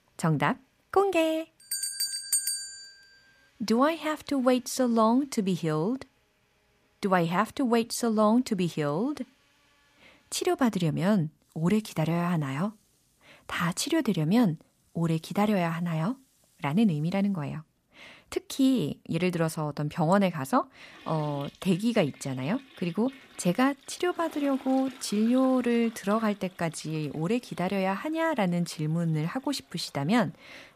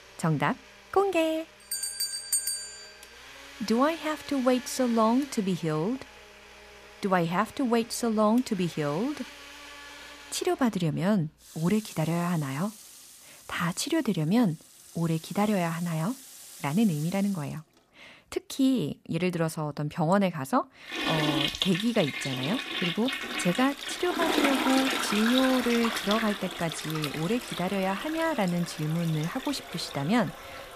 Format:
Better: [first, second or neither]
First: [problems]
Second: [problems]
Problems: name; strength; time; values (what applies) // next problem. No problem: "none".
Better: first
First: household noises; faint; throughout; 25 dB below the speech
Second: household noises; loud; throughout; 5 dB below the speech